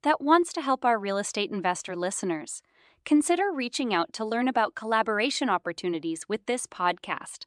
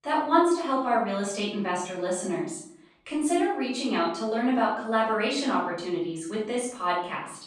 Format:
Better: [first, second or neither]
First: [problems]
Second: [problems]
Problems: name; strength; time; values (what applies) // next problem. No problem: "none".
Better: first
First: none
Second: room echo; noticeable; dies away in 0.6 s // off-mic speech; far